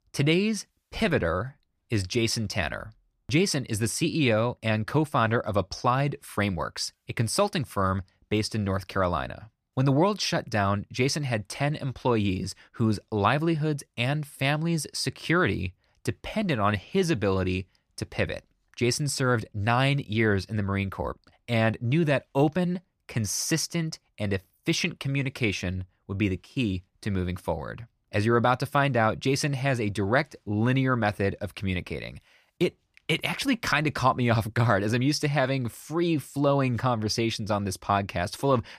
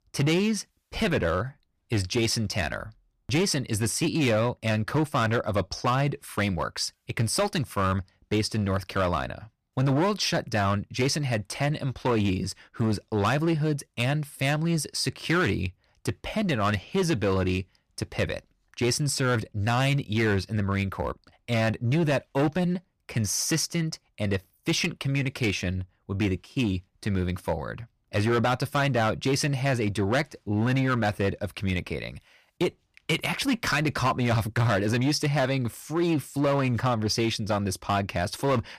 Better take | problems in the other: first | distortion; slight; 8% of the sound clipped

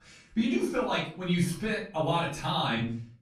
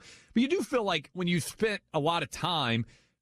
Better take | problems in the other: second | off-mic speech; far // room echo; noticeable; dies away in 0.4 s

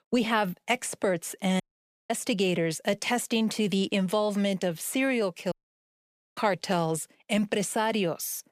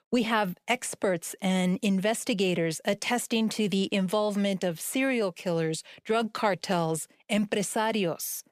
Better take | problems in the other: second | audio cutting out; at 1.5 s for 0.5 s and at 5.5 s for 1 s

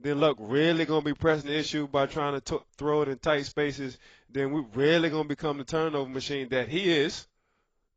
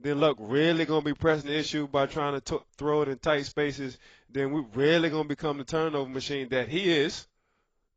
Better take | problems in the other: neither | garbled, watery; badly; nothing above 7.5 kHz; the same in both

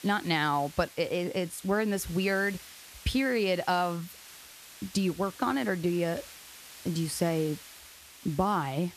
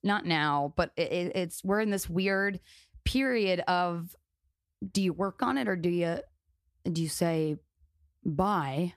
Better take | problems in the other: second | hiss; noticeable; throughout; 15 dB below the speech

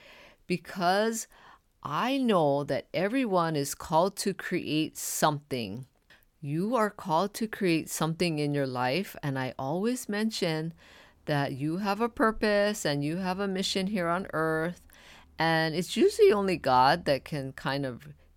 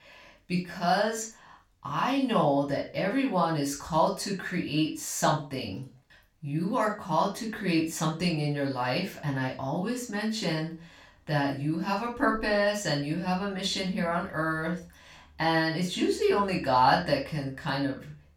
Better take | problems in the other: first | room echo; noticeable; dies away in 0.3 s // off-mic speech; far

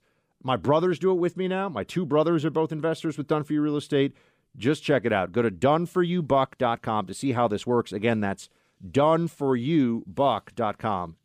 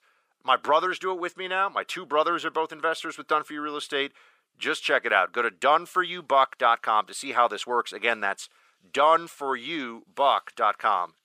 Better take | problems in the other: first | thin; very; fading below 700 Hz

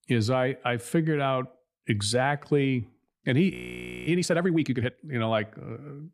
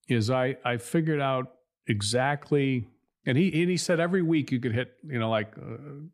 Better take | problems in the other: second | audio freezing; at 3.5 s for 0.5 s

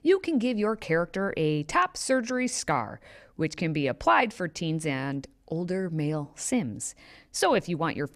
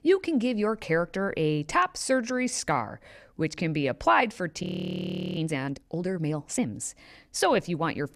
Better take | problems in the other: first | audio freezing; at 4.5 s for 0.5 s

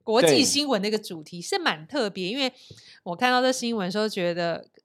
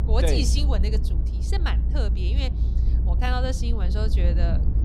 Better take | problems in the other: first | low rumble; loud; throughout; 9 dB below the speech

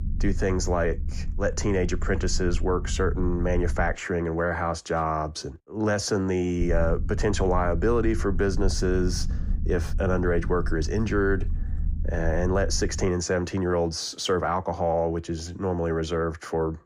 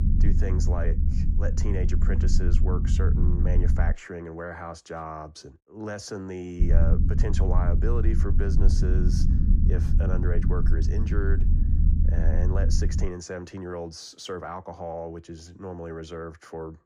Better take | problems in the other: first | low rumble; loud; until 4 s and from 6.5 to 13 s; 4 dB below the speech; faint in the first

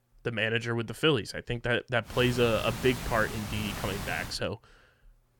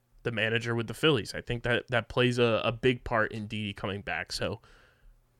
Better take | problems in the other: second | hiss; loud; from 2 to 4.5 s; 9 dB below the speech

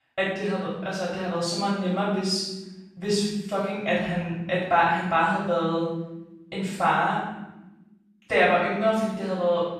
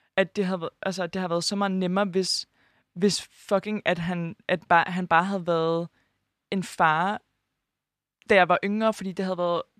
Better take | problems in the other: second | off-mic speech; far // room echo; strong; dies away in 0.9 s

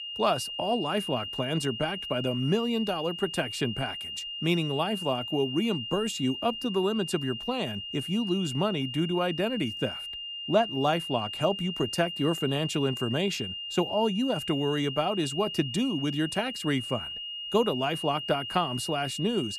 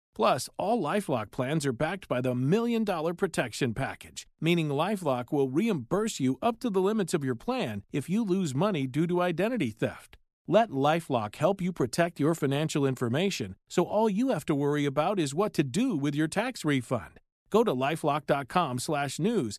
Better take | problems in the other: second | high-pitched whine; loud; throughout; 3 kHz, 6 dB below the speech

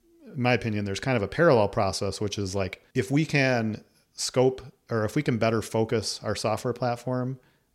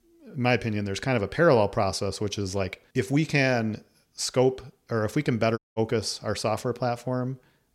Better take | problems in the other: first | audio cutting out; at 5.5 s

